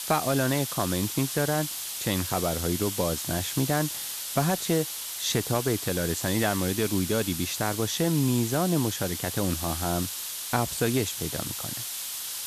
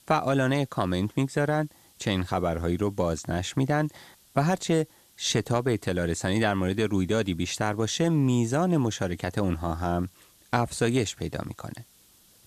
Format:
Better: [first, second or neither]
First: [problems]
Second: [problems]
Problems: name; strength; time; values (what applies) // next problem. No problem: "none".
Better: second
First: hiss; loud; throughout; 3 dB below the speech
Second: hiss; faint; throughout; 30 dB below the speech